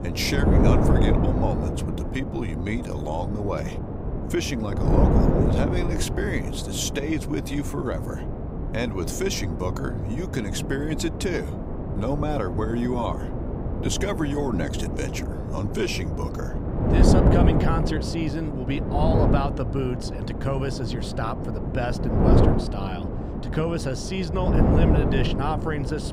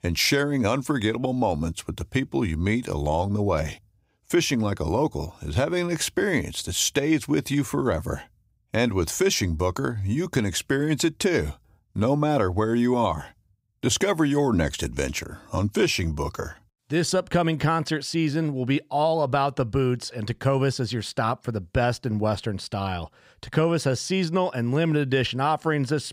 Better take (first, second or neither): second